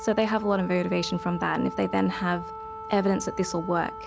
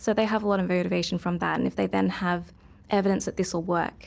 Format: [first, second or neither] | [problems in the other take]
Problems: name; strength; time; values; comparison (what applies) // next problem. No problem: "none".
second | background sound (Wind instrument, woodwind instrument); 12 dB below the speech